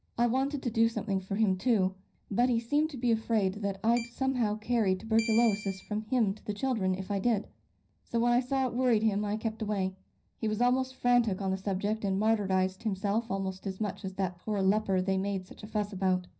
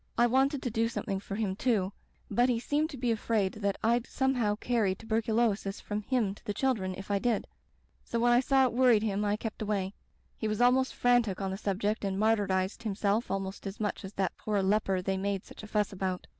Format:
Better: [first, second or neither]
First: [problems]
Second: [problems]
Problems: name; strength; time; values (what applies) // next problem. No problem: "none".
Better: second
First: background sound (Keyboard (musical)); 15 dB below the speech // room echo; dies away in 0.4 s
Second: none